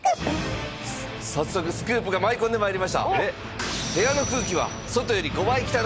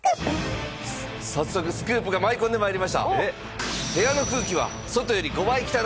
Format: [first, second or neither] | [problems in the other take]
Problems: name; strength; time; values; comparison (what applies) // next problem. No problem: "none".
second | background sound (Motor vehicle (road)); 14 dB below the speech